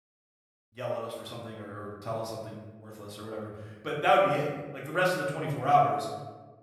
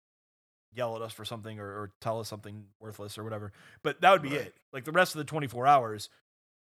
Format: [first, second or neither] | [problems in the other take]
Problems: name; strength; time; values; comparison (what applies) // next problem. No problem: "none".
second | room echo; noticeable; dies away in 1.1 s // off-mic speech; far